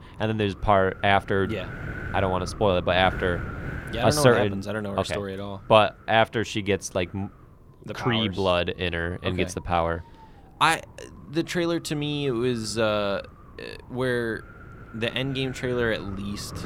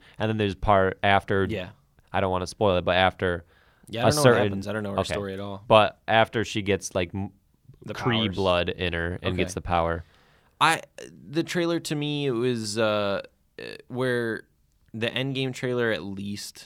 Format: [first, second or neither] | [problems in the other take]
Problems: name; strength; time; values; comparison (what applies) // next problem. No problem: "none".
second | wind noise on the microphone; occasional gusts; 15 dB below the speech